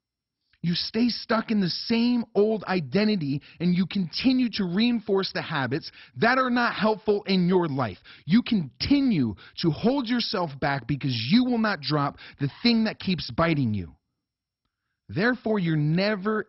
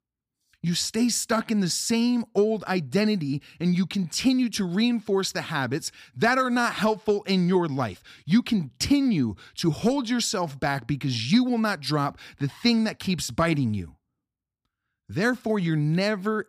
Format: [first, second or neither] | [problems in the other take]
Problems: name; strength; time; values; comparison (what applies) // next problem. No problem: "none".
second | garbled, watery; badly; nothing above 5.5 kHz